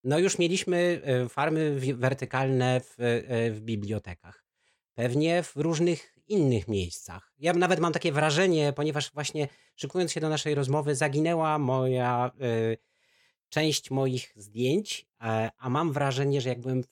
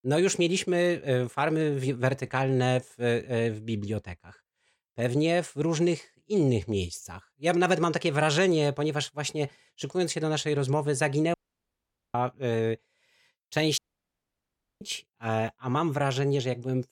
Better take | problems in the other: first | audio cutting out; at 11 s for 1 s and at 14 s for 1 s

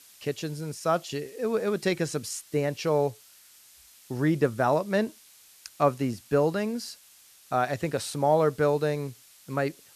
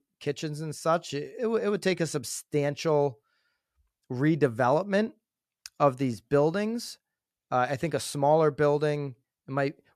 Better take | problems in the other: second | hiss; faint; throughout; 25 dB below the speech

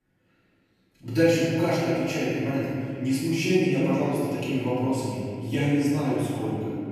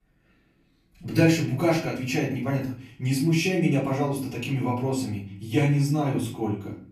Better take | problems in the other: second | room echo; strong; dies away in 2.4 s; slight in the second // off-mic speech; far; far in the second

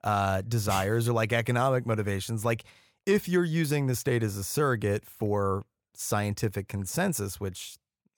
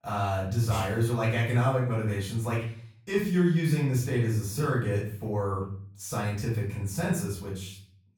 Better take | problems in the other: first | off-mic speech; far // room echo; noticeable; dies away in 0.5 s

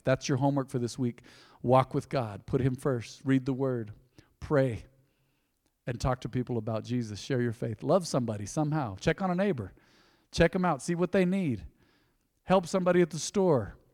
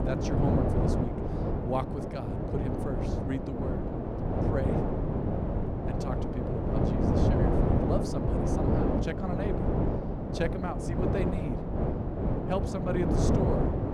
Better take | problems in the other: first | wind noise on the microphone; heavy; 4 dB above the speech

